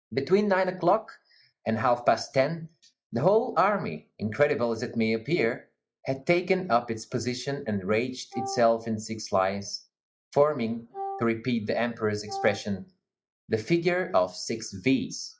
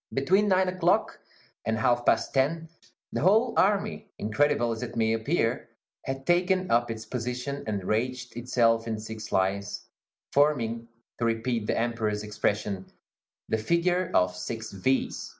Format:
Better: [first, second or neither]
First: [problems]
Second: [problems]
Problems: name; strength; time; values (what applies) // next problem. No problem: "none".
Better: second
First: noise reduction (classical method log-MMSE)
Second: none